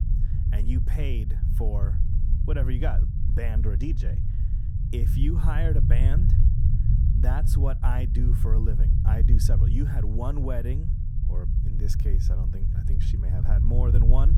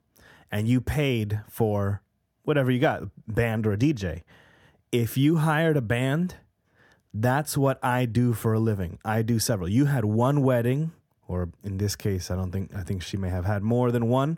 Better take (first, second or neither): second